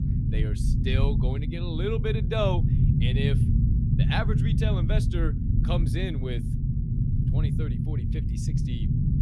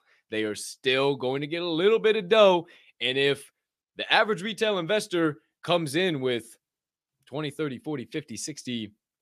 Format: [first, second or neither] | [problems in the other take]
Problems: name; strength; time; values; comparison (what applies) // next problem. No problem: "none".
second | low rumble; loud; throughout; 3 dB below the speech